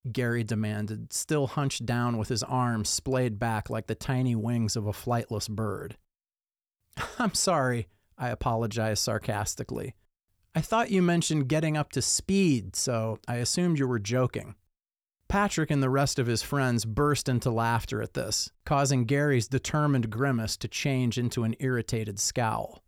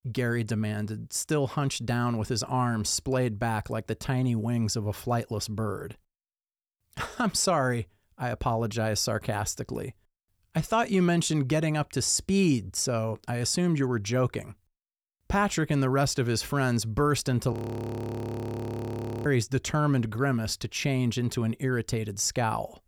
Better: first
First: none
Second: audio freezing; at 18 s for 1.5 s

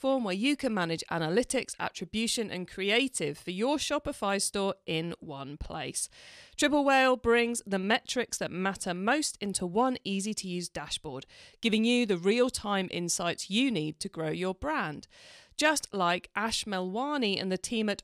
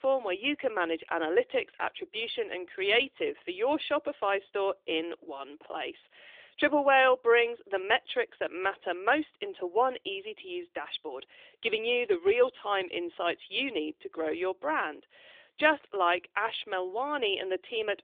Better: first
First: none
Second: phone-call audio

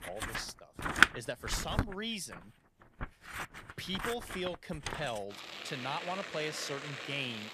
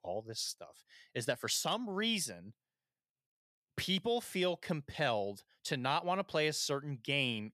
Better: second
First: household noises; very loud; throughout; 3 dB above the speech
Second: none

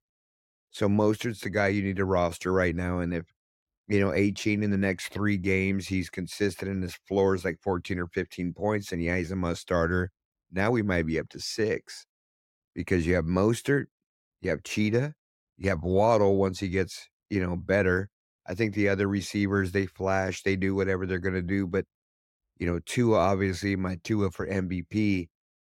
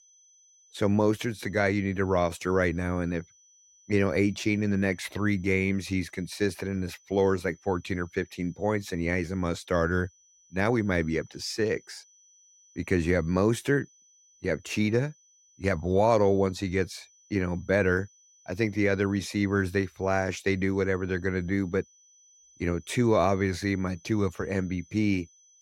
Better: first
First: none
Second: high-pitched whine; faint; throughout; 6 kHz, 30 dB below the speech

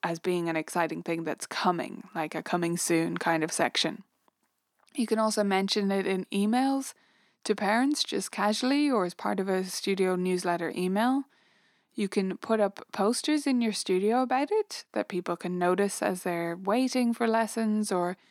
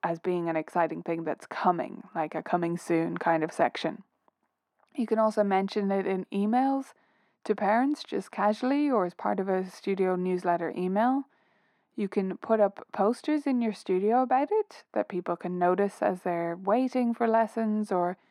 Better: first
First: none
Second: muffled; very; fading above 3 kHz

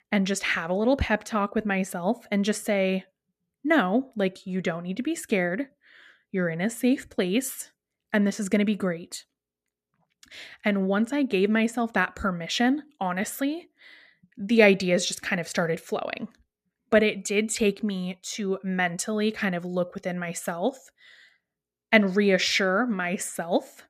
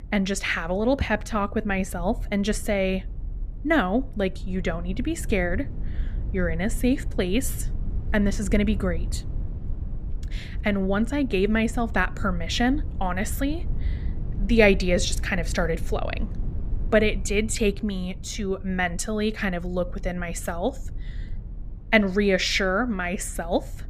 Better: first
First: none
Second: low rumble; faint; throughout; 25 dB below the speech

